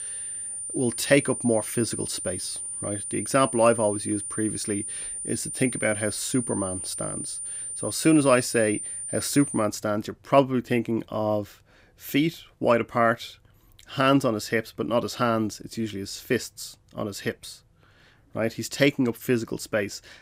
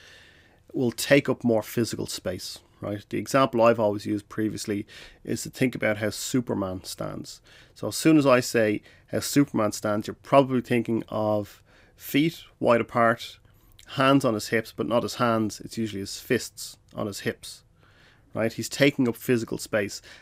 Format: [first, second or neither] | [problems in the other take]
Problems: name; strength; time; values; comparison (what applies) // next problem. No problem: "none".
second | high-pitched whine; loud; until 9.5 s; 9 kHz, 5 dB below the speech